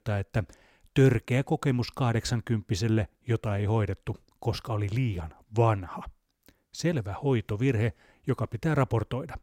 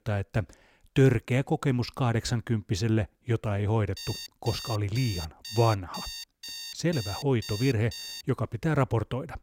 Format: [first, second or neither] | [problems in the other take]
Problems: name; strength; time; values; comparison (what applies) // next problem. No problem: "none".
first | alarm; noticeable; from 4 to 8 s; peak 9 dB below the speech